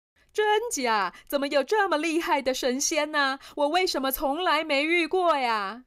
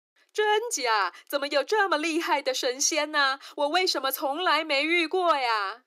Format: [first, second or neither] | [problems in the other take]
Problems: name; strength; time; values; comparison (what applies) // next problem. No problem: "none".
first | thin; very slightly; fading below 300 Hz